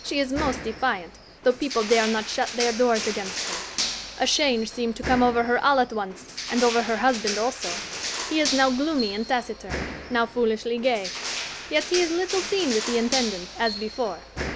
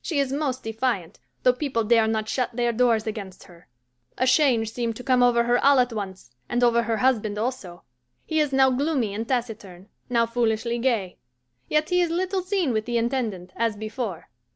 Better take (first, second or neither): second